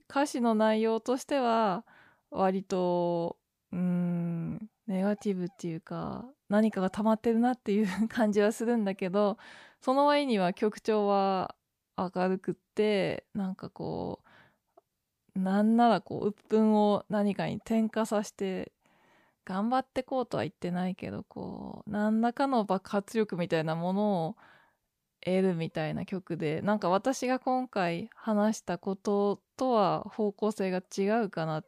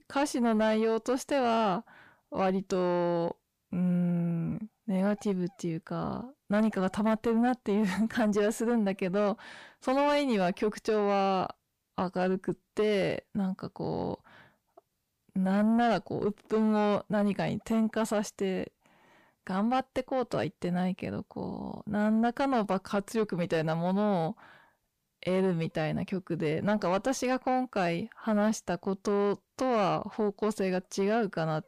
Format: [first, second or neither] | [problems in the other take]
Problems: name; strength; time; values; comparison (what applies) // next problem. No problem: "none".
first | distortion; slight; 10 dB below the speech